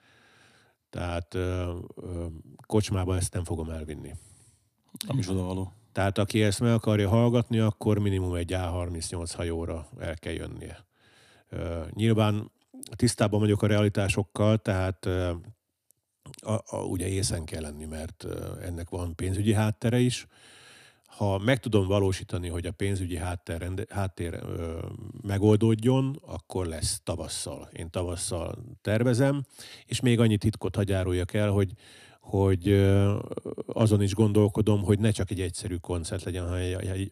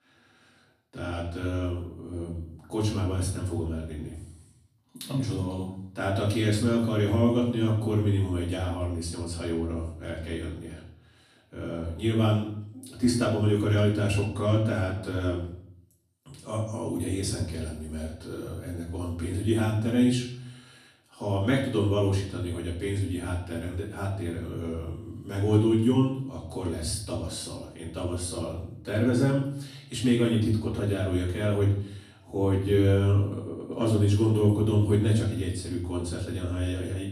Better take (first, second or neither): first